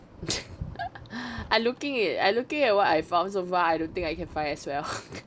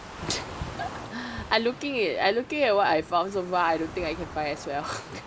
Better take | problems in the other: first | background sound (Waves, surf); 15 dB below the speech

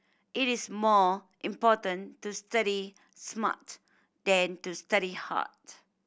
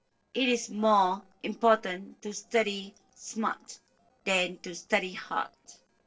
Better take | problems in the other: first | noise reduction (neural separator model SepFormer DNS4)

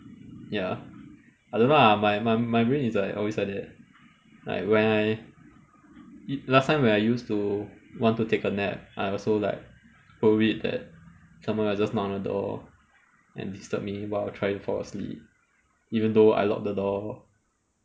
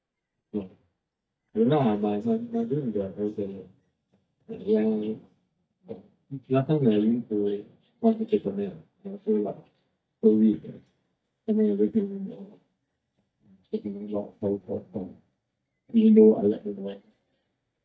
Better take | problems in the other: first | noise reduction (neural mask model DeepFilterNet 3)

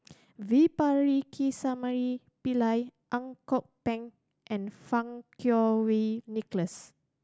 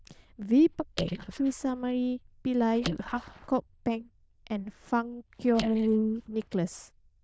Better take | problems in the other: first | noise reduction (neural diffusion model UNIVERSE++)

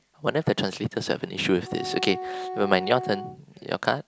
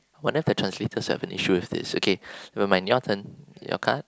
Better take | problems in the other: second | background sound (Wind instrument, woodwind instrument); 9 dB below the speech

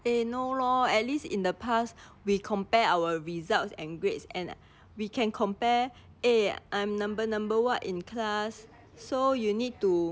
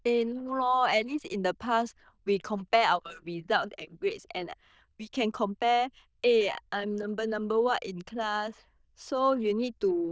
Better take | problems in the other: first | noise reduction (neural diffusion model UNIVERSE++)

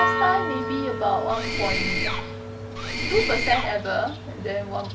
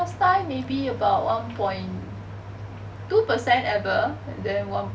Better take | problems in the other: second | background sound (Church bell + Mechanisms); 1 dB below the speech

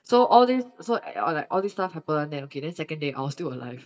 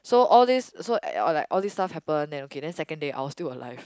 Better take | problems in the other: second | noise reduction (neural mask model DeepFilterNet 3)

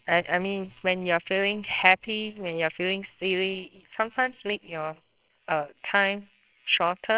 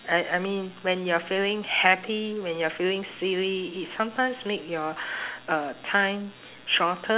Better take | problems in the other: second | noise reduction (neural separator model SepFormer WHAMR!)

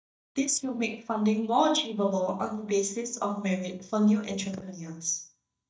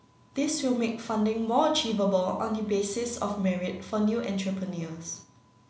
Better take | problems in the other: second | noise reduction (neural mask model DeepFilterNet 3)

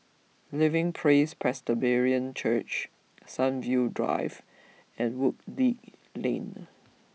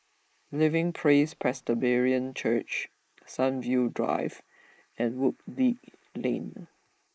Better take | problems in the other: first | noise reduction (neural mask model Resemble Enhance denoiser)

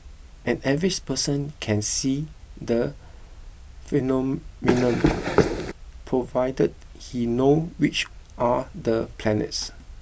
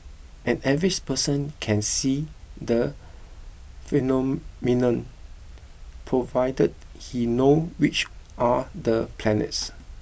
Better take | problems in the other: second | background sound (Run); 3 dB above the speech

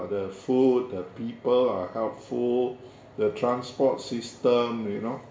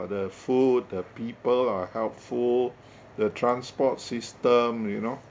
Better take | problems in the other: second | room echo; dies away in 0.5 s

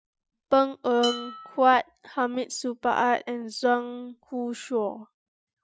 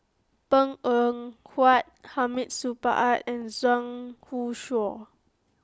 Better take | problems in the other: second | noise reduction (classical method Wiener filter)

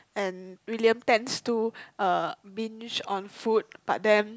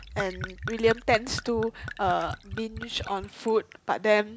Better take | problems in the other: first | background sound (Gurgling / Chink, clink / Liquid); 11 dB below the speech

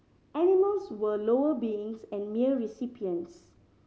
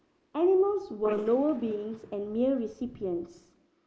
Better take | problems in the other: first | noise reduction (neural mask model Resemble Enhance denoiser)

